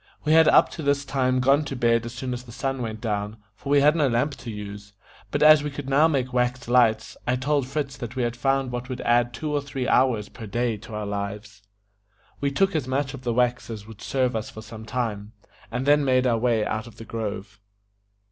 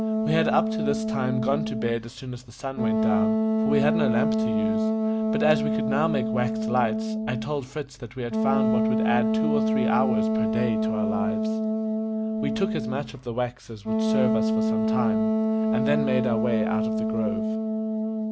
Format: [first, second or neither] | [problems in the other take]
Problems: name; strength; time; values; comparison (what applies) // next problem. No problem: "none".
first | background sound (Wind instrument, woodwind instrument); 5 dB above the speech